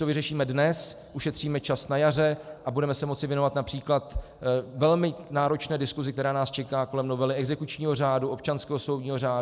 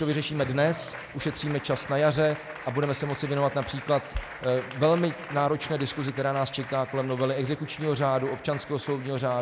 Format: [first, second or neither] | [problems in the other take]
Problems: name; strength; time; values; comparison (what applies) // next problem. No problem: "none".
first | background sound (Applause); 14 dB below the speech